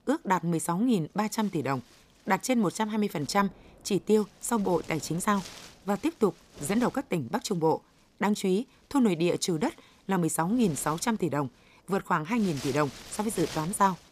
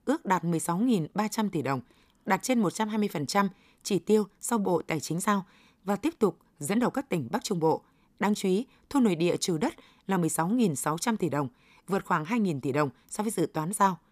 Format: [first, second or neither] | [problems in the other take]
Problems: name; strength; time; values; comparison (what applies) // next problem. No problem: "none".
second | wind noise on the microphone; occasional gusts; 15 dB below the speech